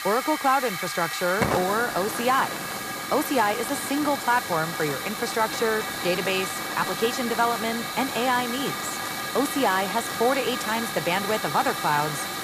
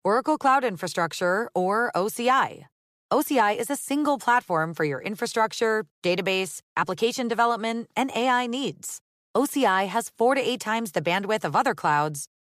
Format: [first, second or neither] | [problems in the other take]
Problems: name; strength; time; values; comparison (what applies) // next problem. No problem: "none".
second | hiss; loud; throughout; 3 dB below the speech